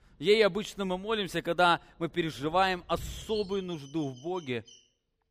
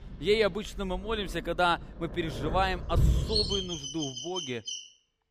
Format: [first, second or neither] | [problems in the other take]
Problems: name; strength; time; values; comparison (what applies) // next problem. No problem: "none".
first | animal sounds; loud; throughout; 1 dB below the speech; faint in the first